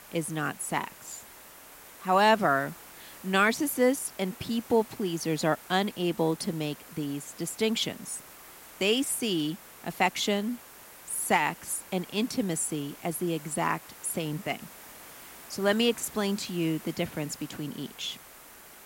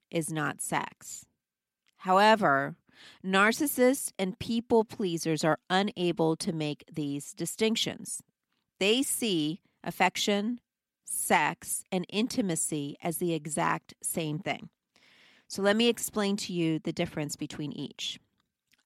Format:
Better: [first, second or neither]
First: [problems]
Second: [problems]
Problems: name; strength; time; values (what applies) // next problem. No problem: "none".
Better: second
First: hiss; noticeable; throughout; 20 dB below the speech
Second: none